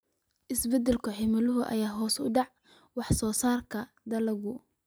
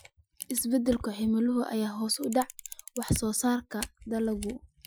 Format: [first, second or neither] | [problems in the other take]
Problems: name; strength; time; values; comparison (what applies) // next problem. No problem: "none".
first | noise reduction (classical method Wiener filter)